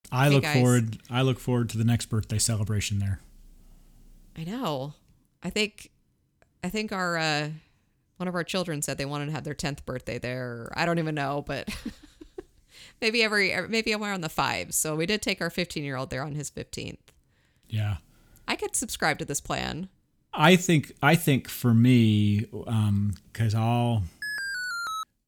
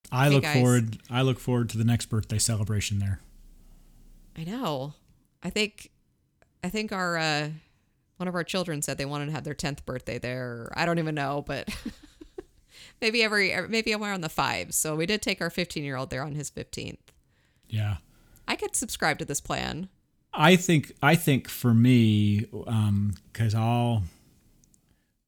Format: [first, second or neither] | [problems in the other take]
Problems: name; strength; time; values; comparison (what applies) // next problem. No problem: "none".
second | alarm; noticeable; at 24 s; peak 4 dB below the speech